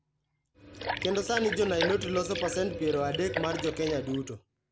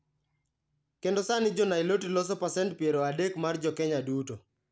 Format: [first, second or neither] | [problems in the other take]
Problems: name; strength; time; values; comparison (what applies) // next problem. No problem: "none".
second | background sound (Liquid); 5 dB below the speech